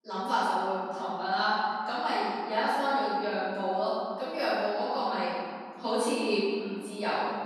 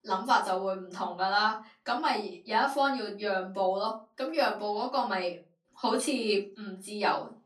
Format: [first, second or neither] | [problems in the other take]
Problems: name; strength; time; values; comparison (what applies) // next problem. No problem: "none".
second | room echo; strong; dies away in 2.3 s; slight in the second // off-mic speech; far; far in the second